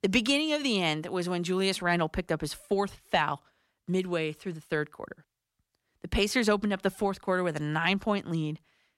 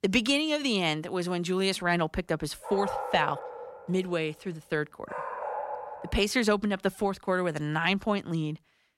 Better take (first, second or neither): first